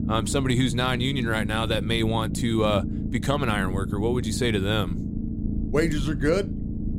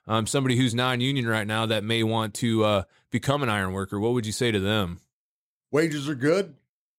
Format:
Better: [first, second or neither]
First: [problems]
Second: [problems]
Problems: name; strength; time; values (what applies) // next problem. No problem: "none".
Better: second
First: low rumble; noticeable; throughout; 10 dB below the speech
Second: none